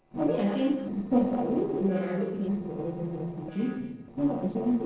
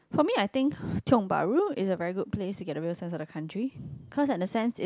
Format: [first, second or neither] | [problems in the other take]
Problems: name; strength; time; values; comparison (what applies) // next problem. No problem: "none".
second | noise reduction (neural separator model SepFormer DNS4)